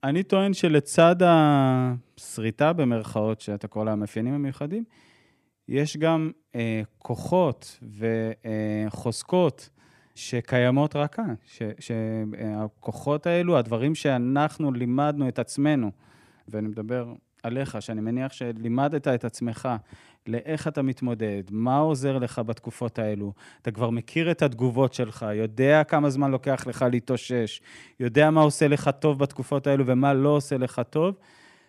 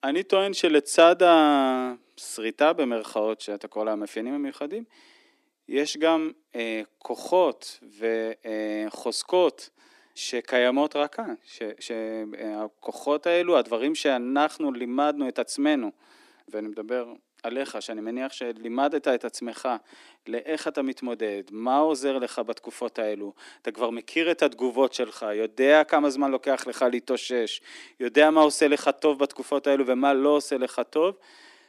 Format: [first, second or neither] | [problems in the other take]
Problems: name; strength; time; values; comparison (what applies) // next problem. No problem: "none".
first | thin; very slightly; fading below 300 Hz